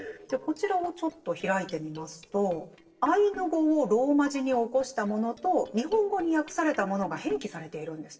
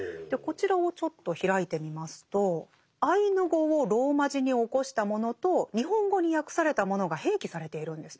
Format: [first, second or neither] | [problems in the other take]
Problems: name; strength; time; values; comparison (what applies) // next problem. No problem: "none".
second | noise reduction (neural separator model SepFormer DNS4)